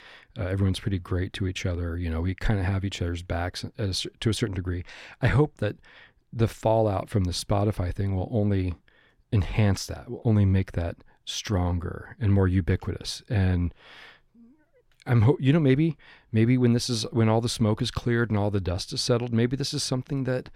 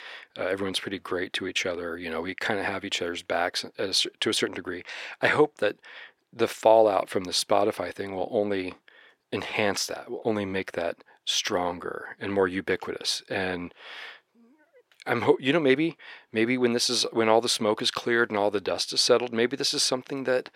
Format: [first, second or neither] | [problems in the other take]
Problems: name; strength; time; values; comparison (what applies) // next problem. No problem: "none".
first | thin; very; fading below 450 Hz